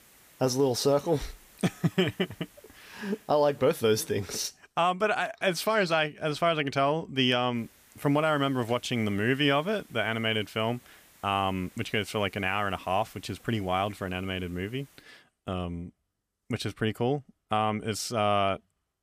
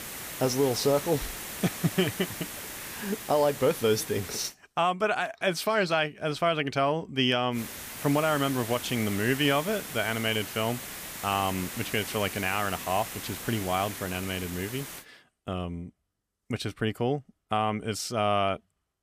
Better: first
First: hiss; faint; until 4.5 s and from 7.5 to 15 s; 25 dB below the speech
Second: hiss; loud; until 4.5 s and from 7.5 to 15 s; 9 dB below the speech

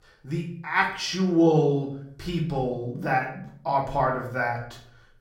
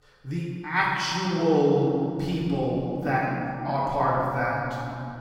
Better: first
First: room echo; slight; dies away in 0.5 s // off-mic speech; far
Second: room echo; strong; dies away in 2.8 s // off-mic speech; far

